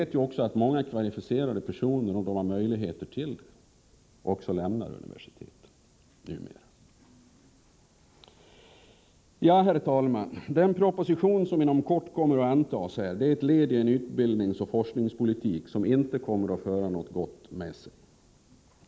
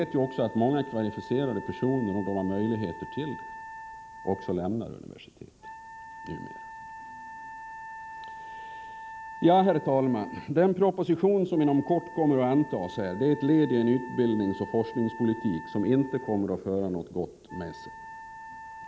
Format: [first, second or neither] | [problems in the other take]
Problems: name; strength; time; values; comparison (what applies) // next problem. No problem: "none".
first | background sound (Wind instrument, woodwind instrument); 15 dB below the speech